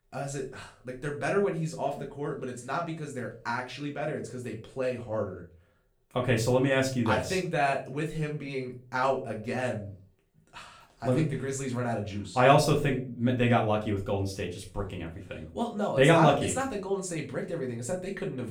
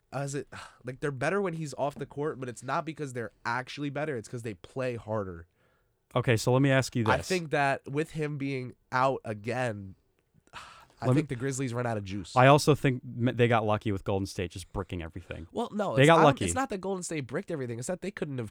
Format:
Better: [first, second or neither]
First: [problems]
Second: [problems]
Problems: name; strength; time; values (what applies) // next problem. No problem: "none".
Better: second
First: room echo; slight; dies away in 0.3 s // off-mic speech; far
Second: none